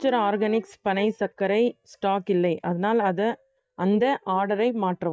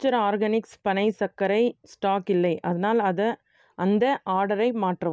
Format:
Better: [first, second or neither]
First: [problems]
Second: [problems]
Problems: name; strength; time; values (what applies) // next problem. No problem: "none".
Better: second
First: noise reduction (neural mask model DeepFilterNet 3)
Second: none